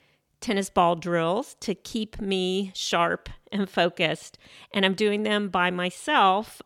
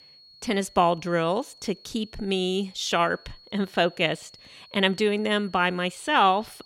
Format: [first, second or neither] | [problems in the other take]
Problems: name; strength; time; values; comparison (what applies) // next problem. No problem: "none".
first | high-pitched whine; faint; throughout; 4.5 kHz, 25 dB below the speech